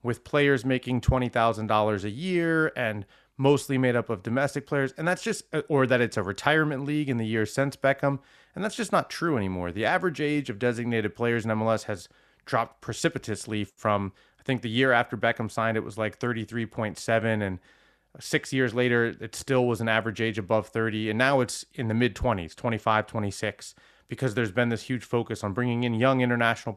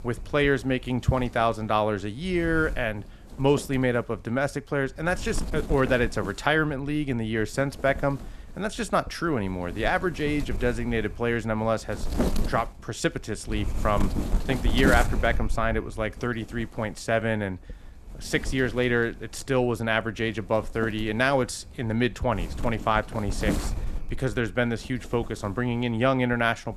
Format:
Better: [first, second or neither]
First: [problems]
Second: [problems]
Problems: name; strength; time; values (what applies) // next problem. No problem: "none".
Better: first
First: none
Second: wind noise on the microphone; occasional gusts; 15 dB below the speech